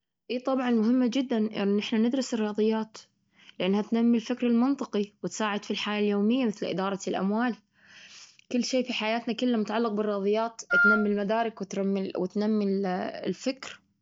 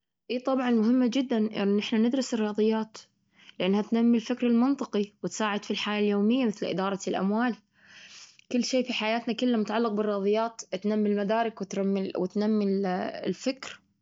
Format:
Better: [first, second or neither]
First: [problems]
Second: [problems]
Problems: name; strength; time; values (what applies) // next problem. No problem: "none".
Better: second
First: background sound (Wind instrument, woodwind instrument); 3 dB above the speech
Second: none